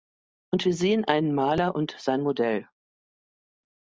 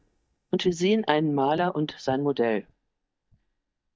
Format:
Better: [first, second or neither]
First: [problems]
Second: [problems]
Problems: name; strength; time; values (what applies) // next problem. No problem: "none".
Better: first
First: none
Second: noise reduction (neural mask model DeepFilterNet 3)